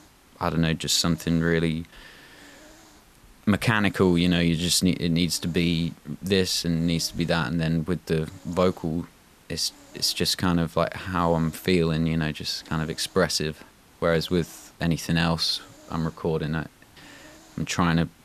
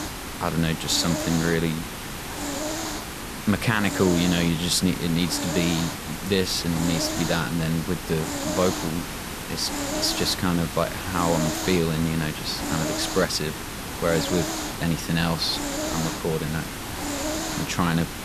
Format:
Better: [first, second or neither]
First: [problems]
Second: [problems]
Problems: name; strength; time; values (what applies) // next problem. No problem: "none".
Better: first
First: hiss; faint; throughout; 25 dB below the speech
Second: hiss; loud; throughout; 4 dB below the speech